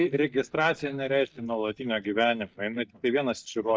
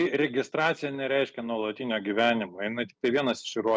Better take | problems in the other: second | noise reduction (neural mask model DeepFilterNet 3)

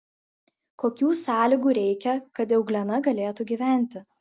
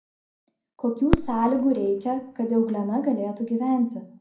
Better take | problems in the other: first | background sound (Fireworks); 8 dB below the speech // room echo; dies away in 0.6 s

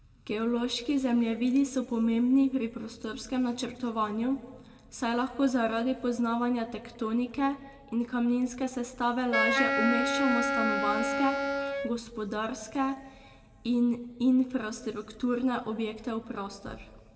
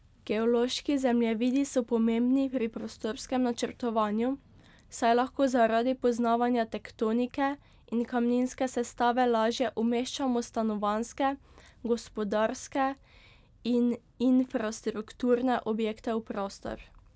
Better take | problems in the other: second | background sound (Wind instrument, woodwind instrument); as loud as the speech // room echo; dies away in 1.7 s

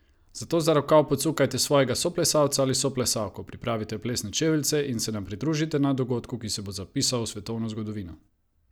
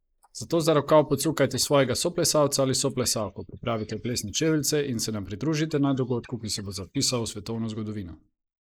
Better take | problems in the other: first | noise reduction (neural mask model Resemble Enhance denoiser)

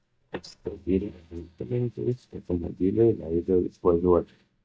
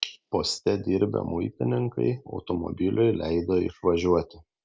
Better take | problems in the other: second | noise reduction (neural mask model DeepFilterNet 3)

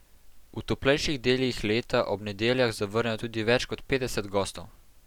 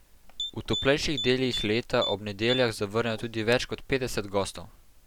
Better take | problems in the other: first | background sound (Typing); 10 dB below the speech

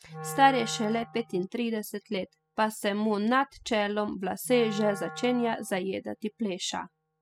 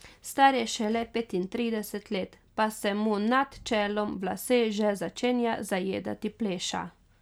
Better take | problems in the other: second | noise reduction (classical method spectral subtraction)

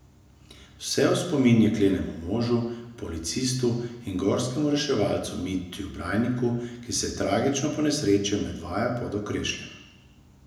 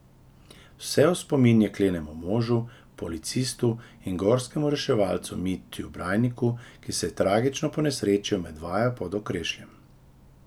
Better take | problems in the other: second | room echo; dies away in 0.9 s

